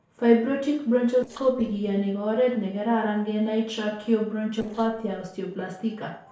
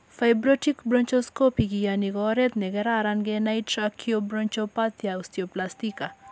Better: second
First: noise reduction (neural separator model SepFormer DNS4)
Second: none

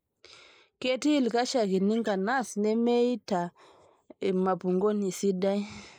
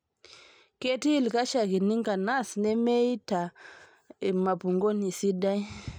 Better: second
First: noise reduction (neural mask model Resemble Enhance denoiser)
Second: none

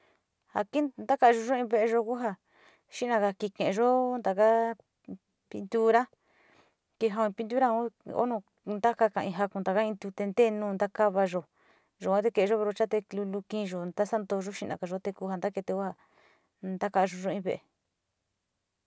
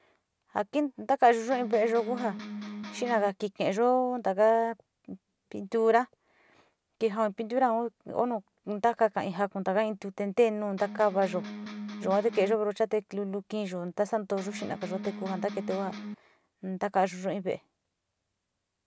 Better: first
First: none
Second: background sound (Electric guitar); 10 dB below the speech

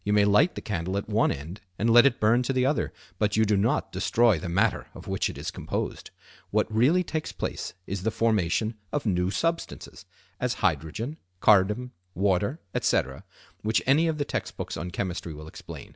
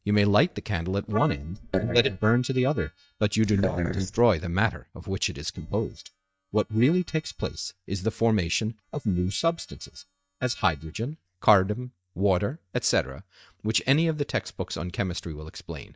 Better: first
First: none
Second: noise reduction (neural mask model DeepFilterNet 3)

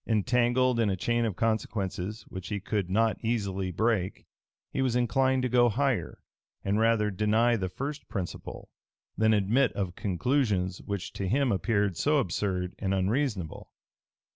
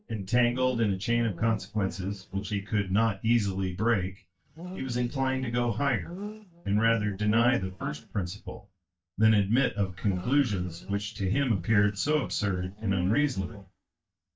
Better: first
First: none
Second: noise reduction (neural mask model DeepFilterNet 3)

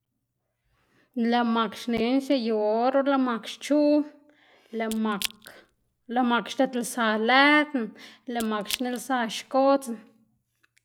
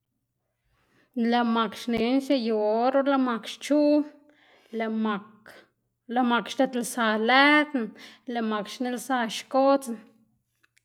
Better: second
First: background sound (Crack / Crushing); 14 dB below the speech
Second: none

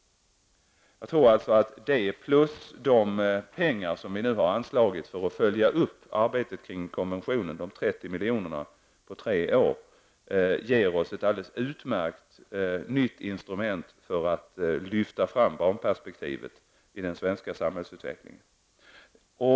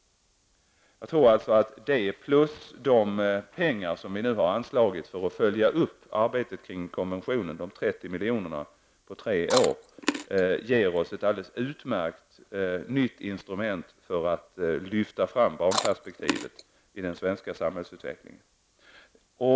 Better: first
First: none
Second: background sound (Chewing, mastication); 6 dB below the speech

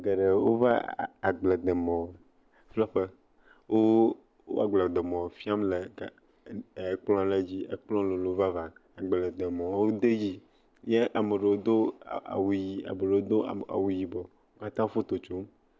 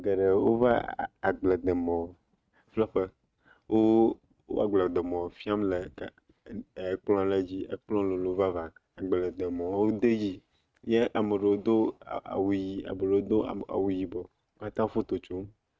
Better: first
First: none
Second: noise reduction (neural mask model RNNoise)

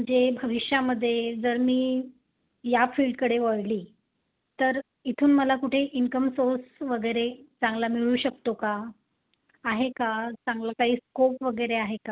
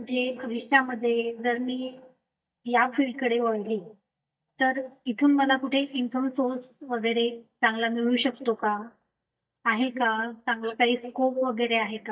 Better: first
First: none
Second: noise reduction (neural mask model DeepFilterNet 3)

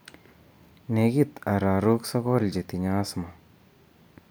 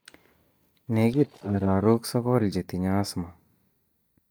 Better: first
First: none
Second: noise reduction (neural mask model DeepFilterNet 3)

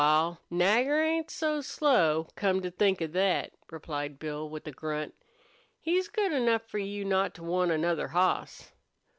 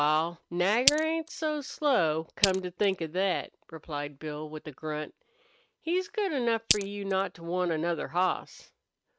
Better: first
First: none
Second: noise reduction (neural mask model RNNoise)

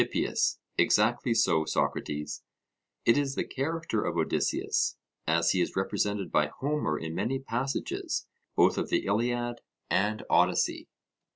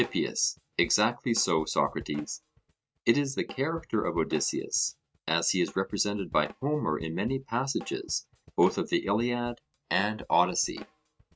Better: first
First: none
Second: noise reduction (neural mask model RNNoise)

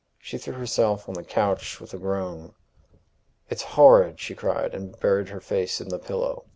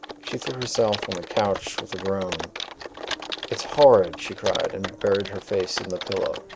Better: first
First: none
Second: background sound (Typing); 10 dB below the speech

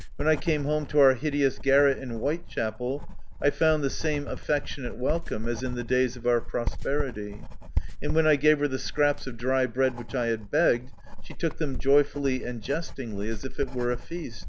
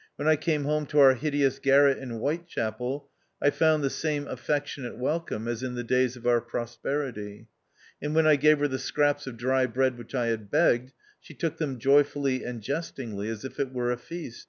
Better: second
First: background sound (Writing); 4 dB below the speech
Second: none

